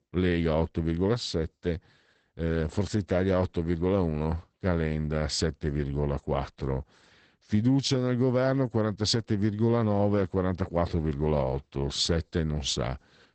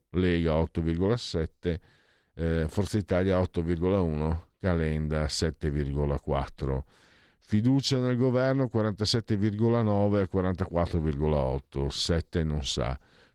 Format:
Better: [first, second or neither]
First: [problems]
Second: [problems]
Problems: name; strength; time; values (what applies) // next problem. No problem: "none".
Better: second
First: garbled, watery; badly; nothing above 8 kHz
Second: garbled, watery; slightly